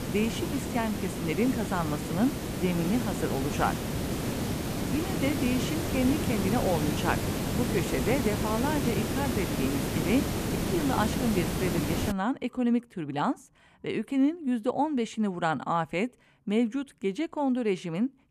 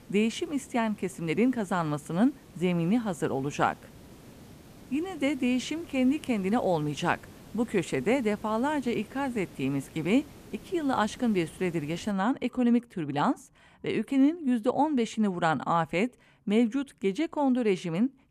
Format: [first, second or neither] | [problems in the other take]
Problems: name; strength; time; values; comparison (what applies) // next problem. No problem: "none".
second | hiss; loud; until 12 s; 1 dB below the speech; faint in the second